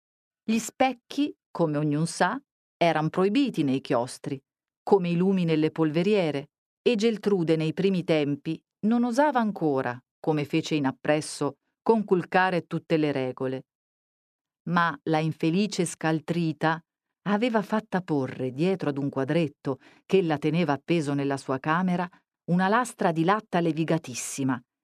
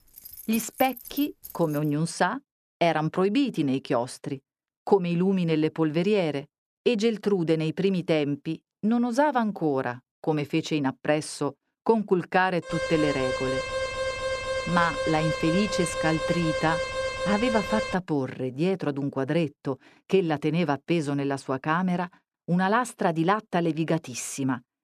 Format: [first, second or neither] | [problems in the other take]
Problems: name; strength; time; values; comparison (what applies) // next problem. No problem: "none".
first | jangling keys; noticeable; until 2 s; peak 9 dB below the speech // alarm; noticeable; from 13 to 18 s; peak 2 dB below the speech